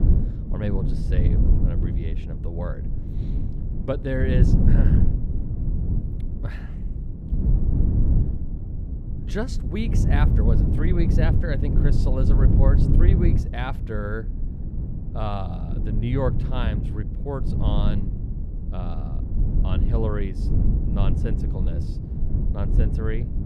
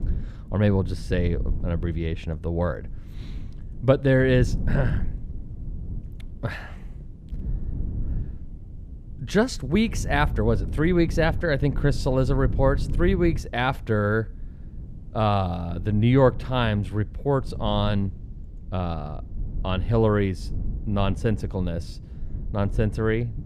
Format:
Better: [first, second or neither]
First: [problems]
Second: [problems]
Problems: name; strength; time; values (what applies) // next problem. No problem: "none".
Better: second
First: low rumble; loud; throughout; 3 dB below the speech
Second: low rumble; faint; throughout; 20 dB below the speech